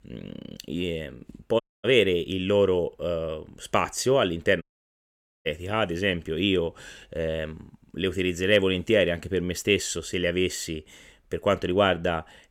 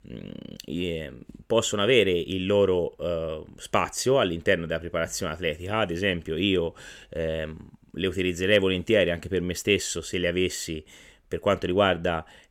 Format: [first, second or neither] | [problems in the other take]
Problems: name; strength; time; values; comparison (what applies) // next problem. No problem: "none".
second | audio cutting out; at 1.5 s and at 4.5 s for 1 s